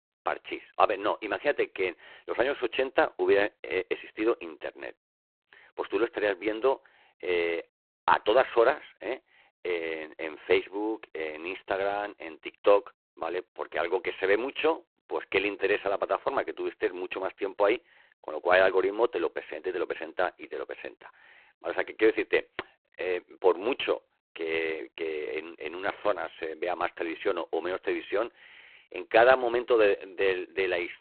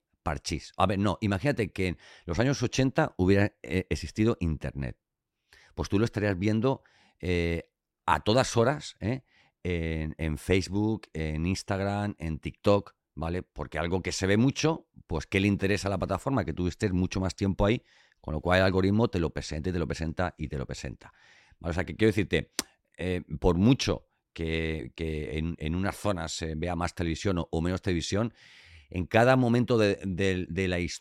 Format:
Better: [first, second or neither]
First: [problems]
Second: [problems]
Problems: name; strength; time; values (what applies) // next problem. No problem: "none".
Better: second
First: phone-call audio; poor line; nothing above 4 kHz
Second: none